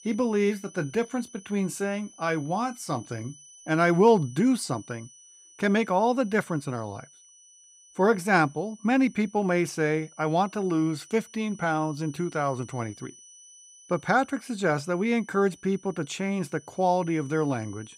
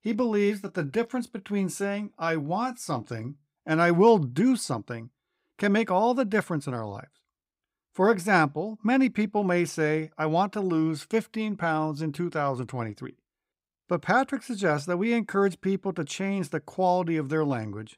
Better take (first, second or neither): second